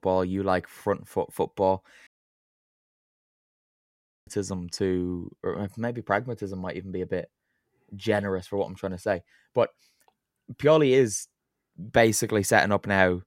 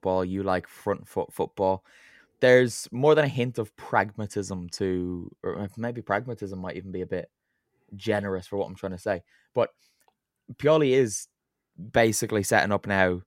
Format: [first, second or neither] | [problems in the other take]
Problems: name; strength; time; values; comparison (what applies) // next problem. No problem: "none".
second | audio cutting out; at 2 s for 2 s